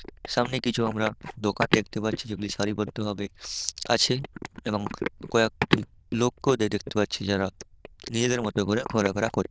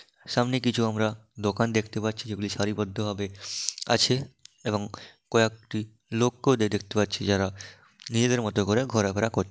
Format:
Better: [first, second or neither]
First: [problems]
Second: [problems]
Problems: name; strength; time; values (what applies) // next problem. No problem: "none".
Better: second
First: noise reduction (neural diffusion model UNIVERSE++)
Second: none